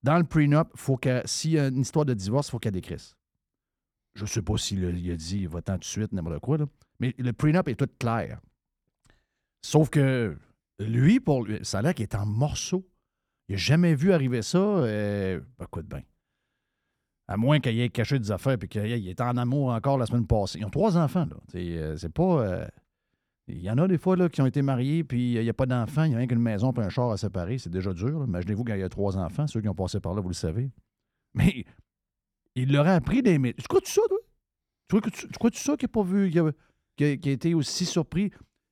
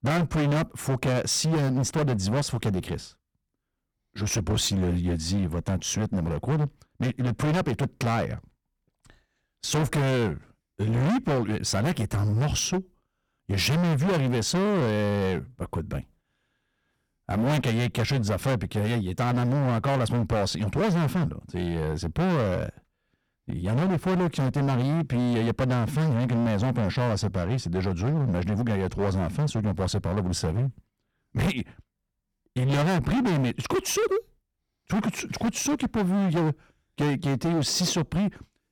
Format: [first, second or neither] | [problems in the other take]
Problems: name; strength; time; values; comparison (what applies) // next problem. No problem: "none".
first | distortion; heavy; 23% of the sound clipped